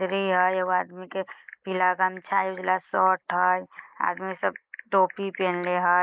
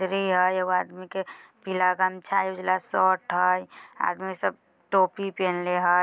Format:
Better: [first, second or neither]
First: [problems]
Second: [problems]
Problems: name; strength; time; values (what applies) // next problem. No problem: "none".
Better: second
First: noise reduction (neural mask model Resemble Enhance denoiser)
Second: none